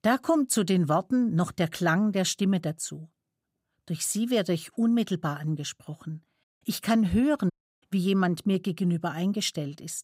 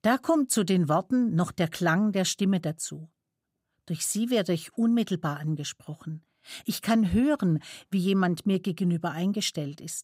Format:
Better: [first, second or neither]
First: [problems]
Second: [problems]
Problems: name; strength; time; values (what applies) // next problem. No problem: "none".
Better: second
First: audio cutting out; at 6.5 s and at 7.5 s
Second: none